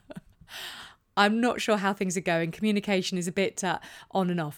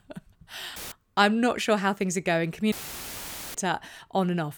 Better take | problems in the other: first | audio cutting out; filled with static; at 1 s and at 2.5 s for 1 s

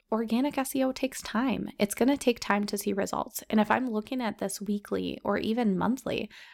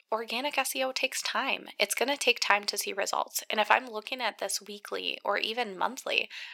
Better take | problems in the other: first | thin; very; fading below 700 Hz

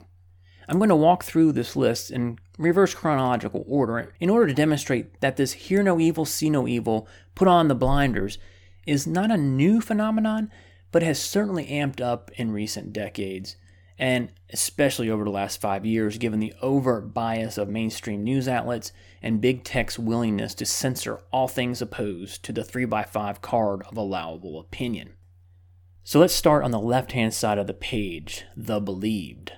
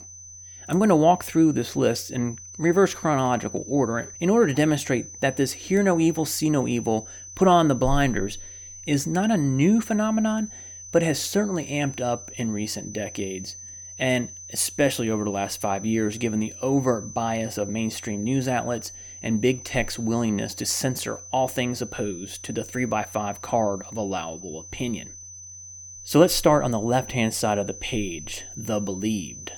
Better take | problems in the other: first | high-pitched whine; noticeable; throughout; 6 kHz, 15 dB below the speech

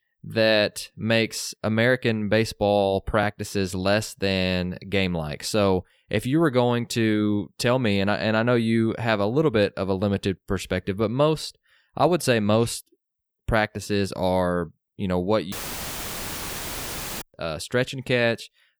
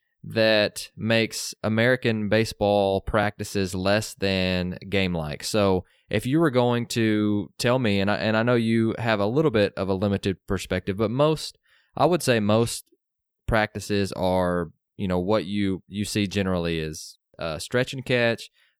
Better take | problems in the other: second | audio cutting out; filled with static; at 16 s for 1.5 s

